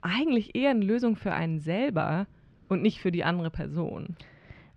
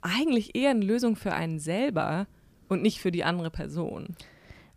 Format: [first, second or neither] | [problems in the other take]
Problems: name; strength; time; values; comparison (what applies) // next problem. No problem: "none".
second | muffled; slightly; fading above 3 kHz